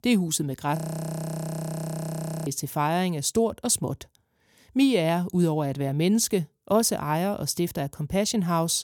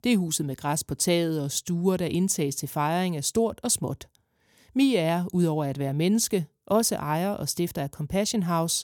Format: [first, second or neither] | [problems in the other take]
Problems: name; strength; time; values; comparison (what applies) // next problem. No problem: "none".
second | audio freezing; at 1 s for 1.5 s